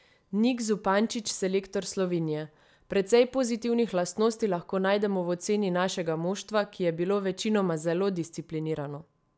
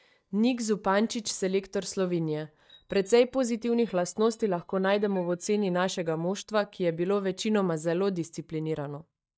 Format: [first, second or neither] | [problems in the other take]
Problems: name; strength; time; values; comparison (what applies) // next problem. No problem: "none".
first | noise reduction (neural mask model DeepFilterNet 3)